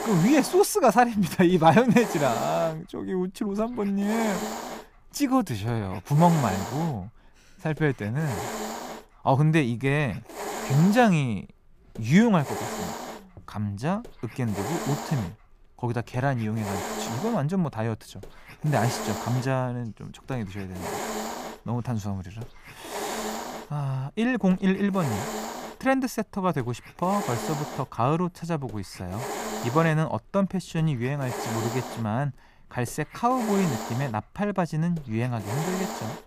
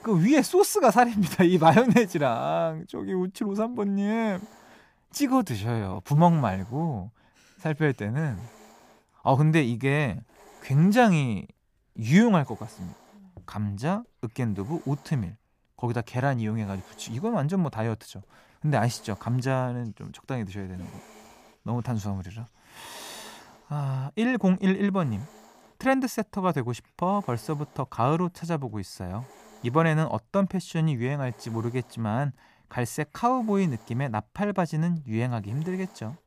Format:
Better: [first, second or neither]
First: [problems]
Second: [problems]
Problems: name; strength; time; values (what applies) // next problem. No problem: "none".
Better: second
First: hiss; loud; throughout; 9 dB below the speech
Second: hiss; faint; throughout; 25 dB below the speech